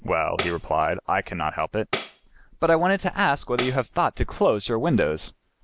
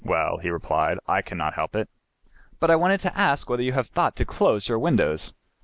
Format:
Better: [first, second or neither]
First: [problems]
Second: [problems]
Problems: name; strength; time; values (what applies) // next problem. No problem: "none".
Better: second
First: background sound (Tambourine); 13 dB below the speech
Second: none